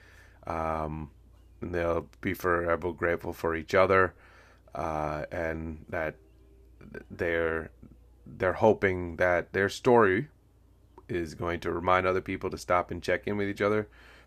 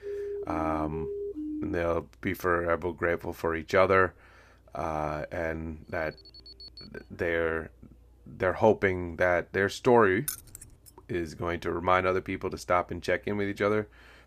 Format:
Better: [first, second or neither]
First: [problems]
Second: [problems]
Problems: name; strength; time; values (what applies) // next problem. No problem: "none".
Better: first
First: none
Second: siren; noticeable; until 2 s; peak 7 dB below the speech // alarm; faint; from 6 to 7 s; peak 15 dB below the speech // jangling keys; noticeable; at 10 s; peak 7 dB below the speech